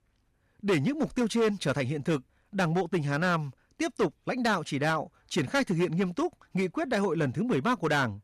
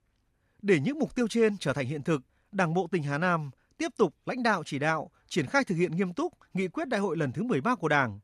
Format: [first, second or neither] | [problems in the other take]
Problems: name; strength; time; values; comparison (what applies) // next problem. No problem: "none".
second | distortion; slight; 7% of the sound clipped